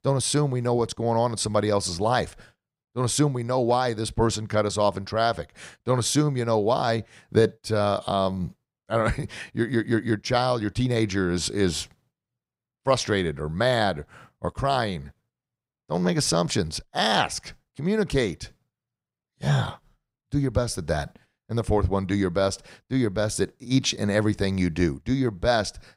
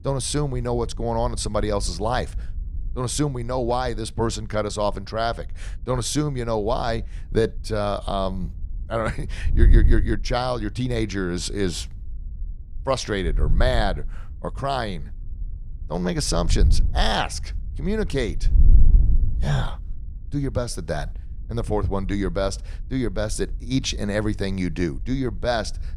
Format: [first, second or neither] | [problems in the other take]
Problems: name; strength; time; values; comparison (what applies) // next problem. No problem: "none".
first | wind noise on the microphone; occasional gusts; 20 dB below the speech